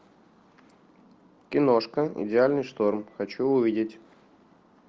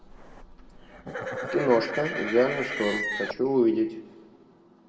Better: first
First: none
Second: background sound (Livestock, farm animals, working animals); 6 dB below the speech // room echo; dies away in 1.2 s

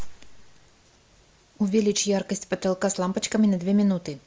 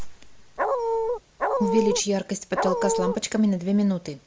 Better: first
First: none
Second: background sound (Dog); 1 dB above the speech

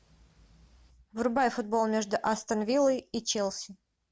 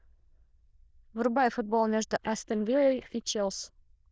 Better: first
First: none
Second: noise reduction (neural diffusion model UNIVERSE++)

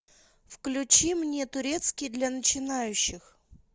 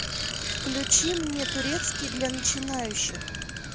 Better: first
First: none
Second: background sound (Bicycle); 3 dB below the speech

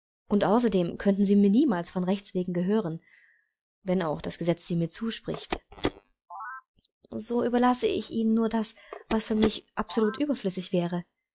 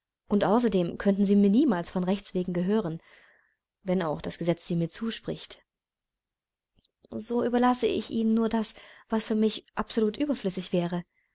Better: second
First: noise reduction (classical method log-MMSE)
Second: none

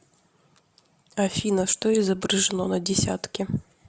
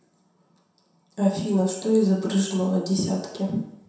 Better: first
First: none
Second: room echo; dies away in 0.7 s

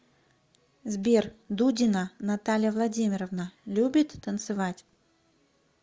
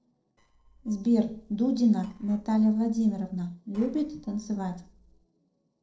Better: first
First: none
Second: noise reduction (neural separator model SepFormer DNS4)

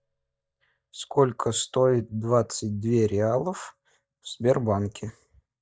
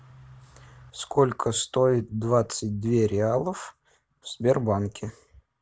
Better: second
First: noise reduction (neural mask model DeepFilterNet 3)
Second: none

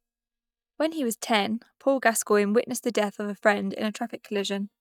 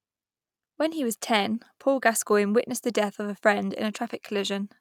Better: second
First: noise reduction (neural mask model DeepFilterNet 3)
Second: none

